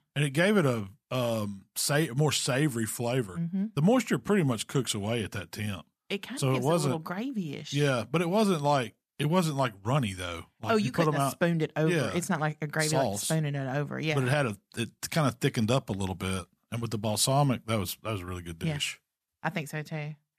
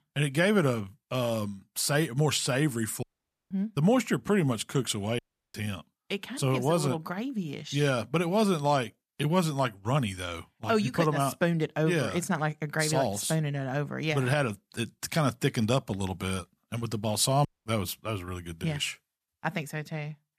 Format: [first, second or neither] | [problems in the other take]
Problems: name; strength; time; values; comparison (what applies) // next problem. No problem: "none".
first | audio cutting out; at 3 s, at 5 s and at 17 s